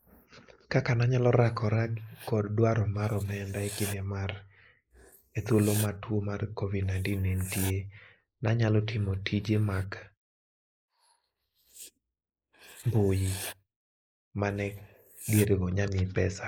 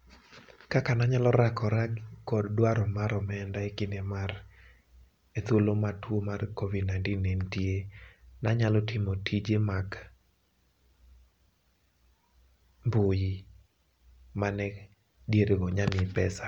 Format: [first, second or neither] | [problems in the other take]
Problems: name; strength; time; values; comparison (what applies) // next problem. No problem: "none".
second | noise reduction (neural mask model Resemble Enhance denoiser)